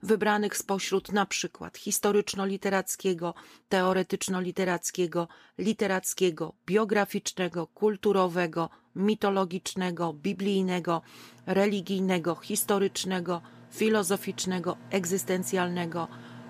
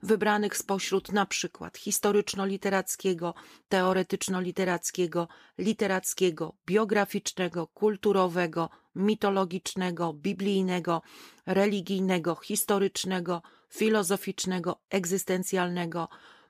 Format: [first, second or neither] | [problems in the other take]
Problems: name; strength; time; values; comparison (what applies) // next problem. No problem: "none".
second | machinery noise; faint; throughout; 25 dB below the speech